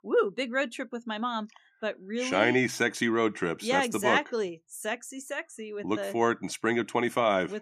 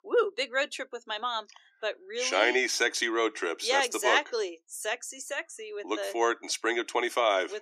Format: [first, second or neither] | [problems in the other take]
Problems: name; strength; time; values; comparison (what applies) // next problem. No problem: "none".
first | thin; very; fading below 350 Hz